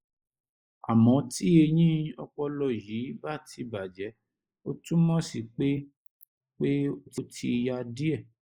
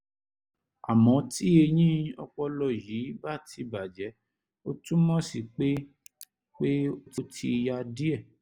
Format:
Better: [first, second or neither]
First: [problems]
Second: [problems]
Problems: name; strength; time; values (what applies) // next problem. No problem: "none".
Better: second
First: noise reduction (neural mask model Resemble Enhance denoiser)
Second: none